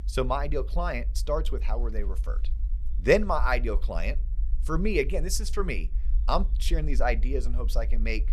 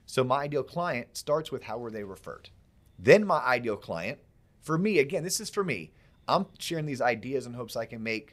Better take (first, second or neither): second